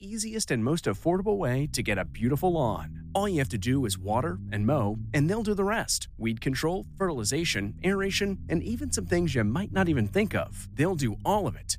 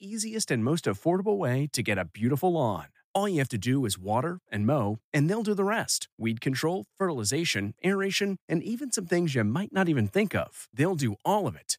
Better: second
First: low rumble; faint; throughout; 25 dB below the speech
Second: none

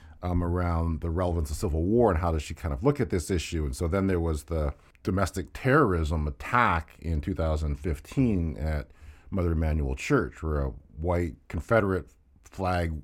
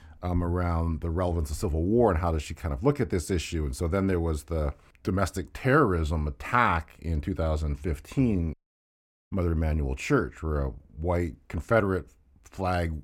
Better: first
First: none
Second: audio cutting out; at 8.5 s for 1 s

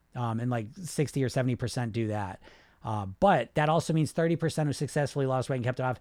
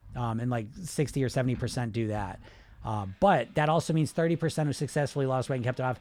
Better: first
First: none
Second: household noises; faint; throughout; 25 dB below the speech

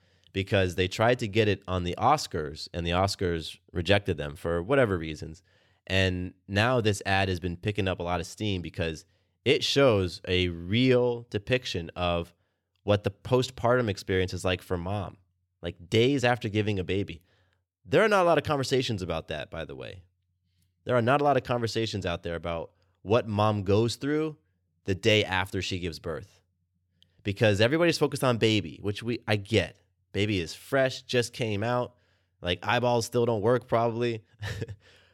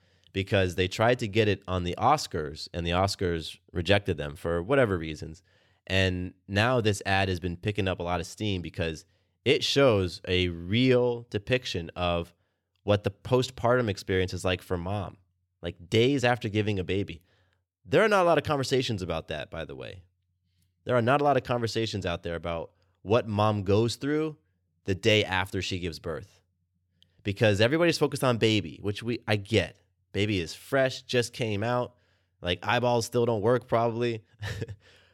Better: neither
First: none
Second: none

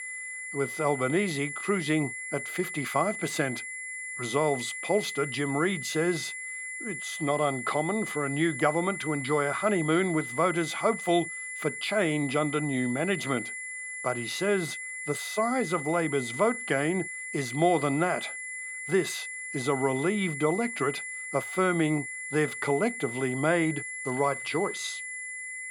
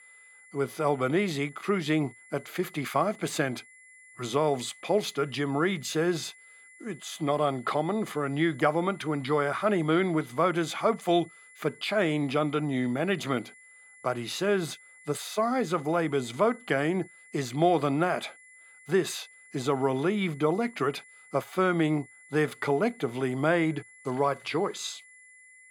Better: second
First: high-pitched whine; loud; throughout; 2 kHz, 6 dB below the speech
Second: high-pitched whine; faint; throughout; 2 kHz, 25 dB below the speech

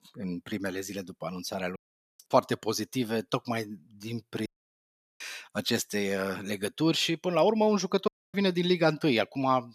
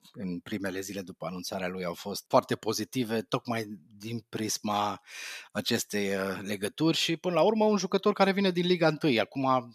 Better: second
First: audio cutting out; at 2 s, at 4.5 s for 0.5 s and at 8 s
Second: none

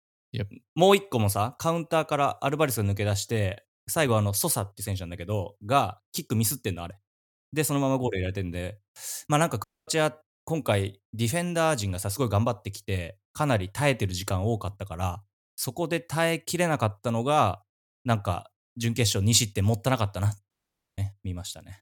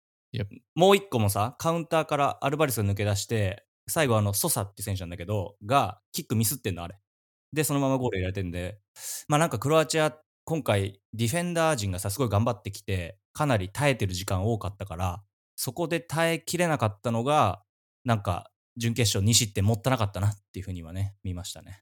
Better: second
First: audio cutting out; at 9.5 s and at 21 s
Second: none

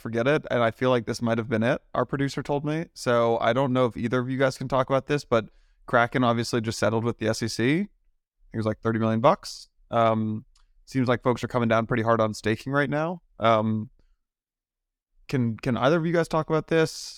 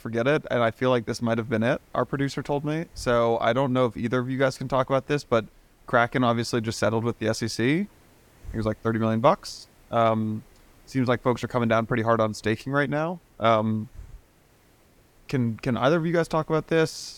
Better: first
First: none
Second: hiss; faint; throughout; 30 dB below the speech

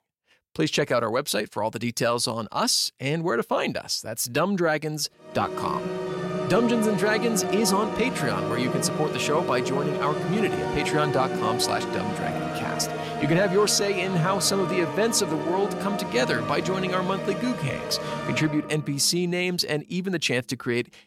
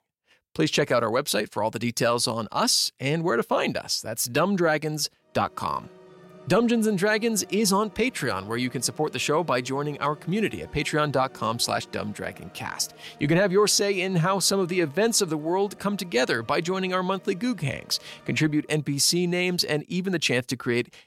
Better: second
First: background music; loud; from 5.5 s on; 4 dB below the speech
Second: background music; faint; from 5.5 s on; 25 dB below the speech

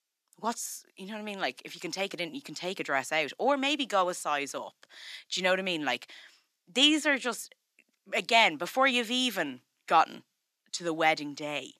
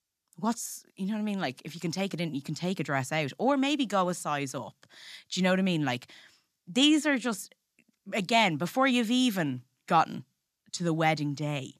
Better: second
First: thin; somewhat; fading below 400 Hz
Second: none

